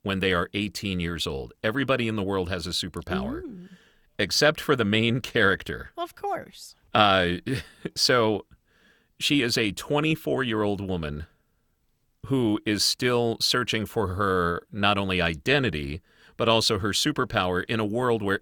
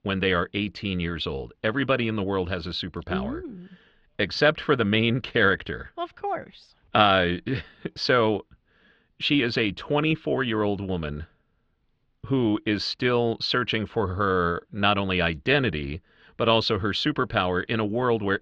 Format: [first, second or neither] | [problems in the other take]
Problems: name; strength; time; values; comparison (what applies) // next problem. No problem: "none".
first | muffled; very slightly; fading above 4 kHz